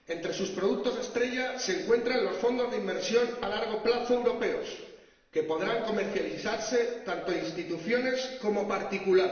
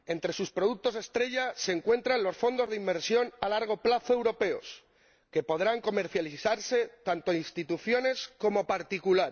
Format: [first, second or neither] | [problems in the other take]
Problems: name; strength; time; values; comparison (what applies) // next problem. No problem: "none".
second | room echo; dies away in 1 s